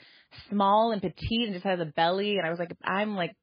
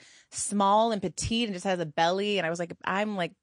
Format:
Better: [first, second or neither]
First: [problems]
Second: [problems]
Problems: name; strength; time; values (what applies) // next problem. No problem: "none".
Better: second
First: garbled, watery; badly; nothing above 4.5 kHz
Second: garbled, watery; slightly